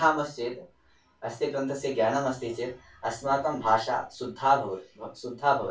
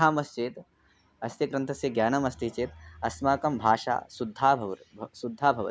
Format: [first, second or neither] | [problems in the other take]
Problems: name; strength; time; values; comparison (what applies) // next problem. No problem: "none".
second | room echo; dies away in 0.2 s